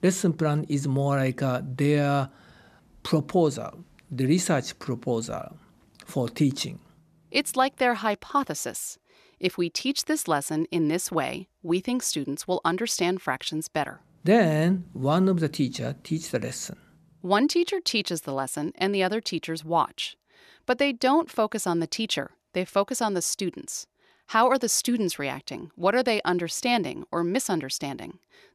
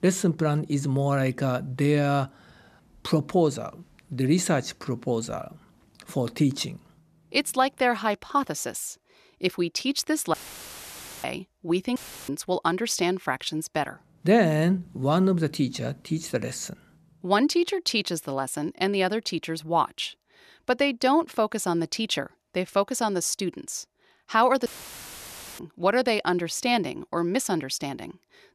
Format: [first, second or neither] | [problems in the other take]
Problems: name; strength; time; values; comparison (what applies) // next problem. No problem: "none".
first | audio cutting out; filled with static; at 10 s for 1 s, at 12 s and at 25 s for 1 s